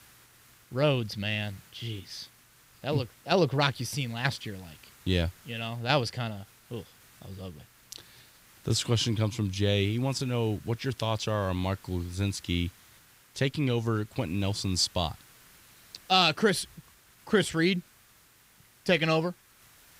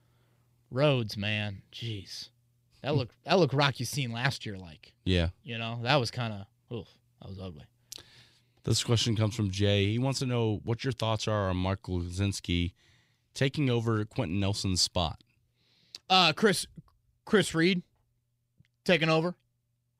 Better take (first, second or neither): second